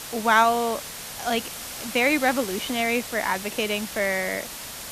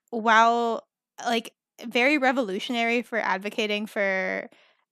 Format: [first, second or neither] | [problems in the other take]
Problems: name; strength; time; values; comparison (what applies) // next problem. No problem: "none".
second | hiss; loud; throughout; 9 dB below the speech